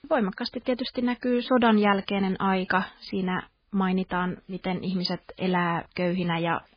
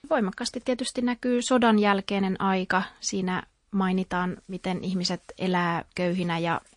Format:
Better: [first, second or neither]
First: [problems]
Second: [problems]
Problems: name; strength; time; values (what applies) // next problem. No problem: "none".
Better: second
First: garbled, watery; badly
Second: garbled, watery; slightly